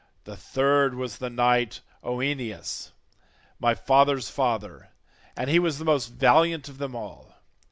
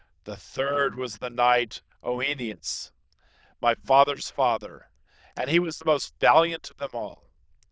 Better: first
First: none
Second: noise reduction (neural diffusion model UNIVERSE++)

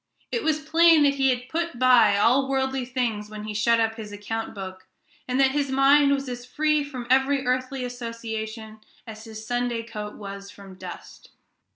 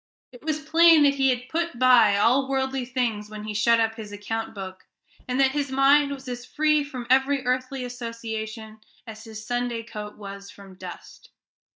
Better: first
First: none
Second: noise reduction (neural mask model DeepFilterNet 3)

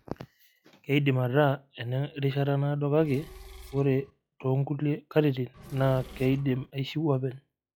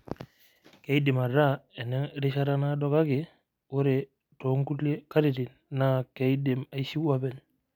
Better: second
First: noise reduction (classical method log-MMSE)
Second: none

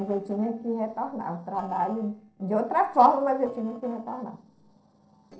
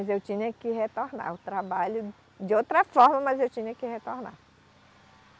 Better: second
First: noise reduction (neural separator model SepFormer DNS4)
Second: none

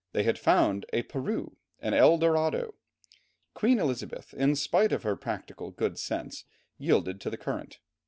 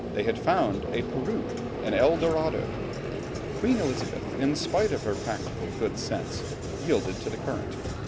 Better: first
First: none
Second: background sound (Vehicle); 4 dB below the speech

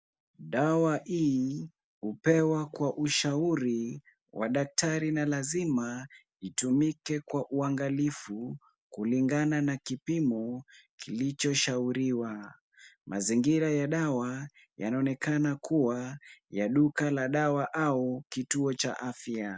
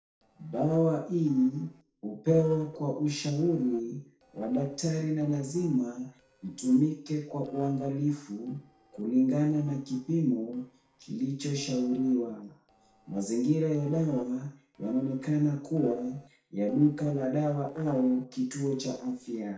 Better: first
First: none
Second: noise reduction (neural separator model SepFormer DNS4)

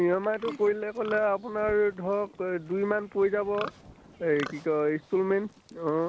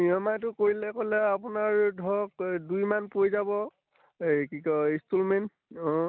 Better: second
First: background sound (Livestock, farm animals, working animals); 18 dB below the speech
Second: none

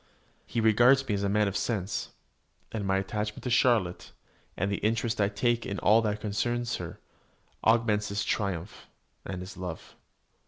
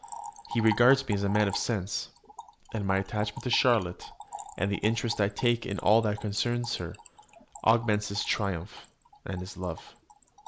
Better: first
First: none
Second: background sound (Trickle, dribble / Splash, splatter); 15 dB below the speech

